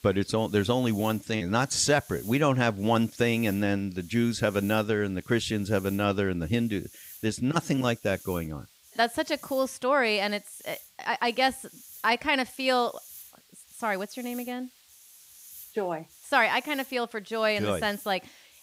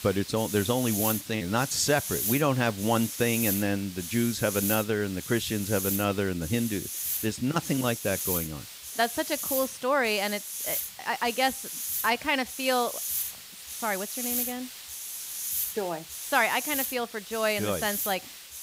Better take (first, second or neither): first